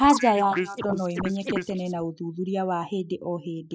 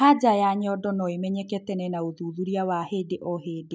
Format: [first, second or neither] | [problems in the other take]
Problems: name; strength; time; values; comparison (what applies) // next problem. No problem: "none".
second | noise reduction (neural mask model Resemble Enhance denoiser)